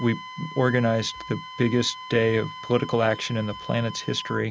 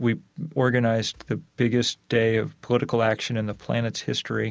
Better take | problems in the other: second | background sound (Wind instrument, woodwind instrument); 14 dB below the speech

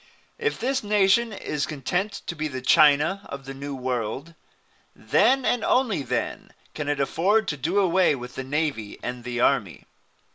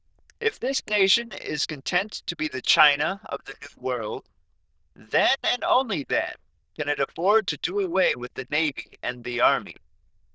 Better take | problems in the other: first | noise reduction (neural diffusion model UNIVERSE++)

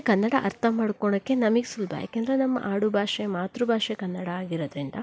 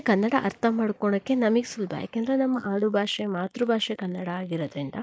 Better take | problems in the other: first | noise reduction (neural mask model Resemble Enhance denoiser)

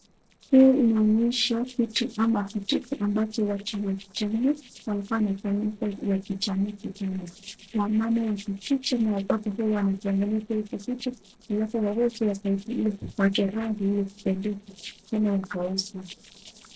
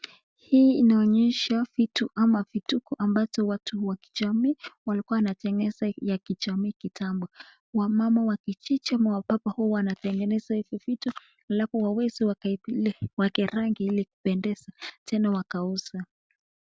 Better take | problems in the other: second | noise reduction (neural separator model SepFormer DNS4)

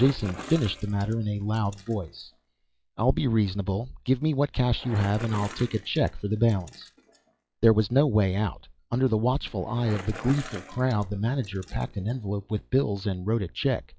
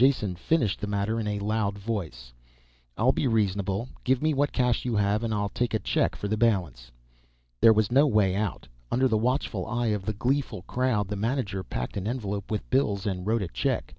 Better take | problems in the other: second | noise reduction (classical method log-MMSE)

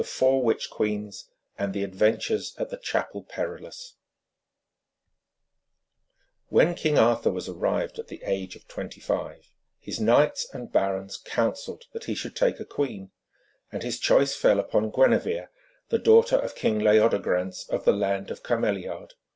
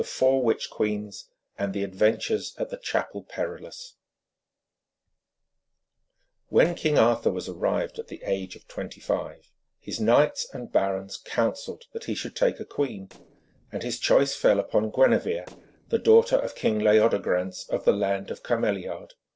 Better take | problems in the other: first | noise reduction (neural separator model SepFormer DNS4)

